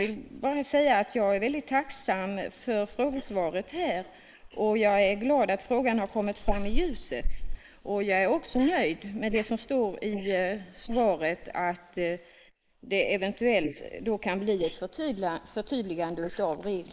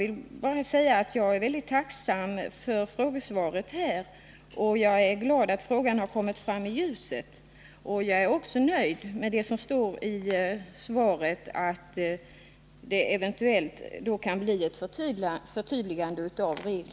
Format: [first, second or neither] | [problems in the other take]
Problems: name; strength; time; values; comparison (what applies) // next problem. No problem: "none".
second | noise reduction (neural mask model Resemble Enhance denoiser)